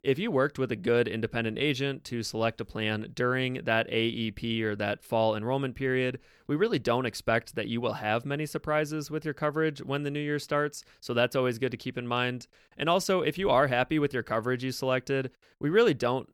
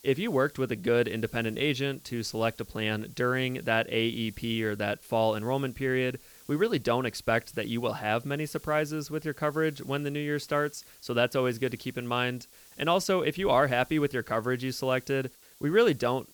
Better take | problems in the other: first | hiss; faint; throughout; 25 dB below the speech

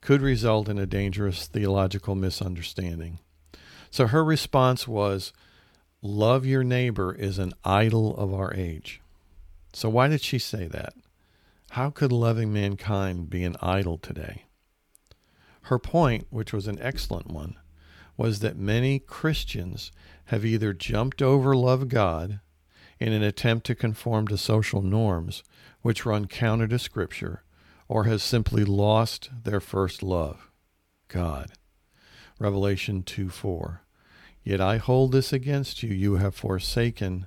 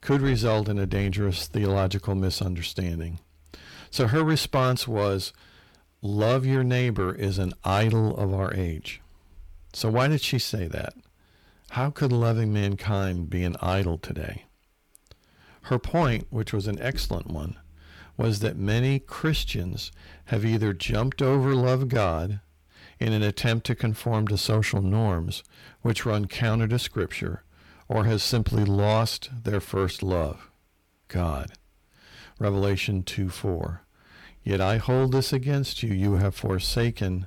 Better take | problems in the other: first | distortion; slight; 10 dB below the speech

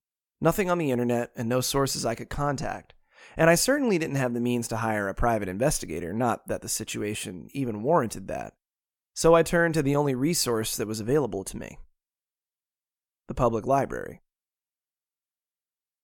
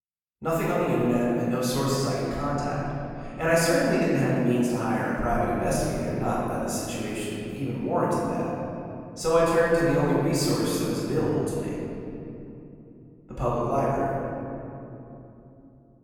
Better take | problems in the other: first | room echo; strong; dies away in 3 s // off-mic speech; far

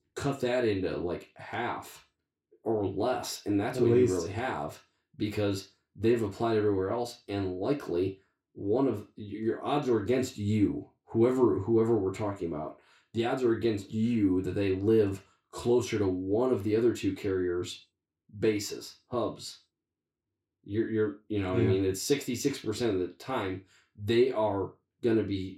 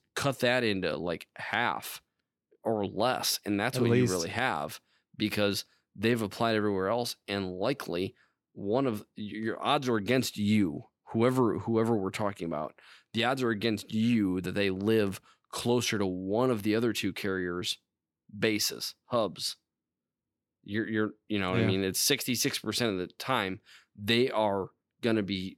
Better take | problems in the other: second | room echo; very slight; dies away in 0.3 s // off-mic speech; somewhat distant

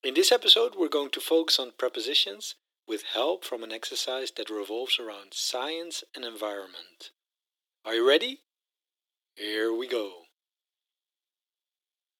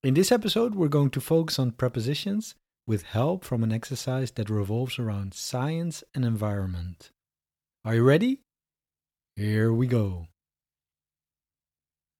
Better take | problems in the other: second | thin; very; fading below 300 Hz

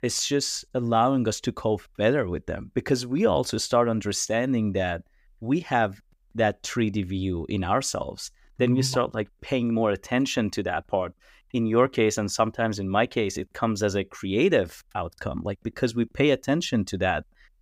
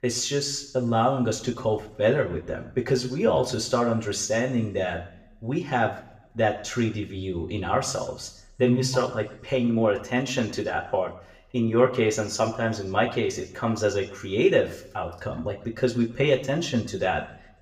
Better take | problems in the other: first | room echo; slight; dies away in 0.6 s // off-mic speech; somewhat distant

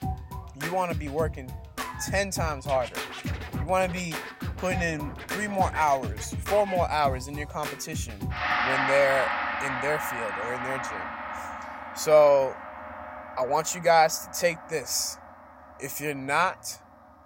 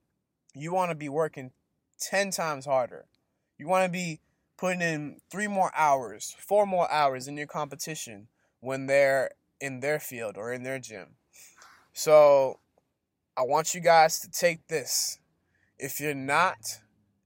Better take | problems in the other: second | background music; loud; throughout; 6 dB below the speech

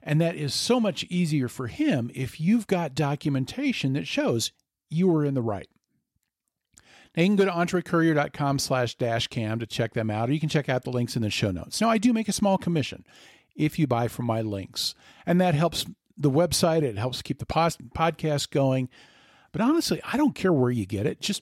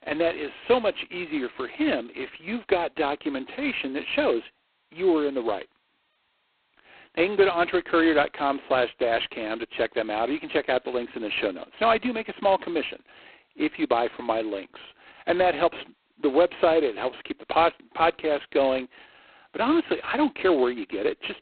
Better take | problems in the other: first | phone-call audio; poor line; nothing above 4 kHz

